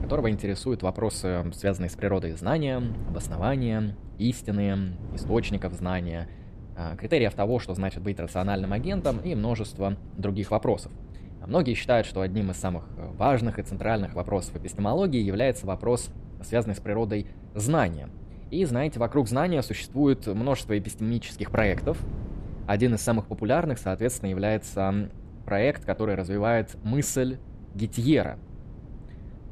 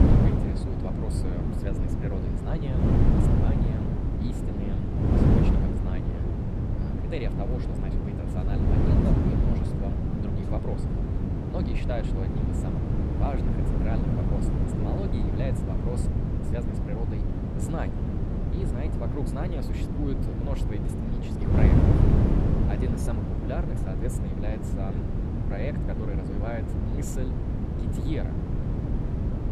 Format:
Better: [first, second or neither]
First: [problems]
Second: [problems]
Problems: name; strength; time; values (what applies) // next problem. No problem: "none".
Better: first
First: wind noise on the microphone; occasional gusts; 20 dB below the speech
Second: wind noise on the microphone; heavy; 4 dB above the speech